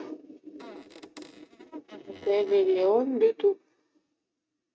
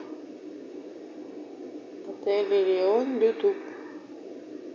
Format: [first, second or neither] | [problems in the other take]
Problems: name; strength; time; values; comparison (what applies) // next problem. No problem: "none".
second | noise reduction (neural mask model RNNoise)